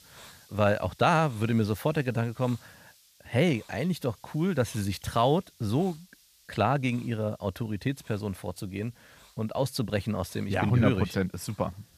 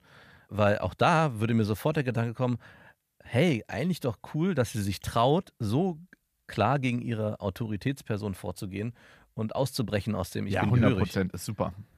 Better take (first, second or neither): second